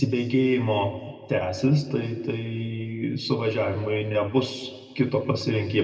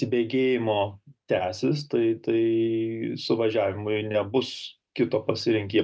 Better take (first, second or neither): second